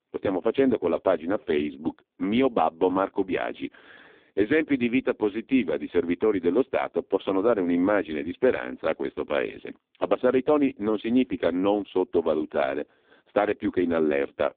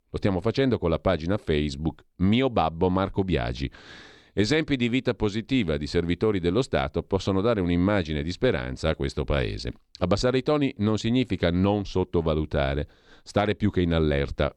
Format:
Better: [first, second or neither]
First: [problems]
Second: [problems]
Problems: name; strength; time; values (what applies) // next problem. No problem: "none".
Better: second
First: phone-call audio; poor line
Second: none